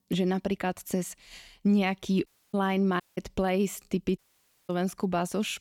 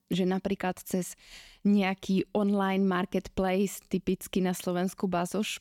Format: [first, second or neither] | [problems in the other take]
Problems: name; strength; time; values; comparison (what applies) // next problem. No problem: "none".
second | audio cutting out; at 2.5 s, at 3 s and at 4 s for 0.5 s